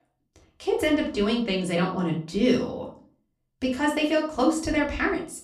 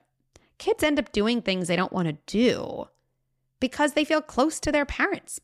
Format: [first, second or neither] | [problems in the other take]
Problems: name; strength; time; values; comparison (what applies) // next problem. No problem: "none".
second | off-mic speech; far // room echo; slight; dies away in 0.4 s